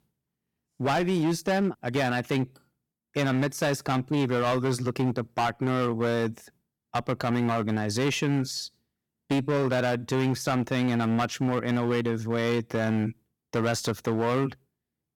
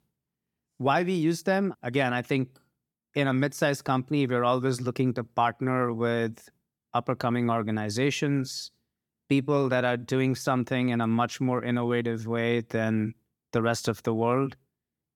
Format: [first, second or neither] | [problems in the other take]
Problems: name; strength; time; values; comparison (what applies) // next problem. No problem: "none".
second | distortion; slight; 15% of the sound clipped